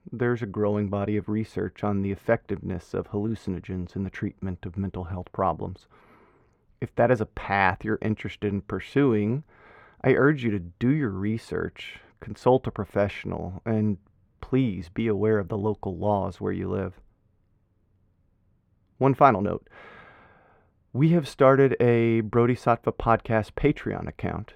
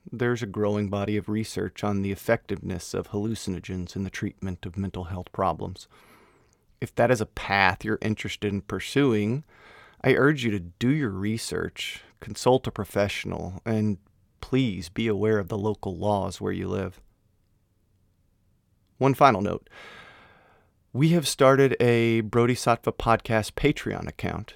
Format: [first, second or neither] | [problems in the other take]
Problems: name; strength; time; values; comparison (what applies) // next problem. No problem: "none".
second | muffled; slightly; fading above 3 kHz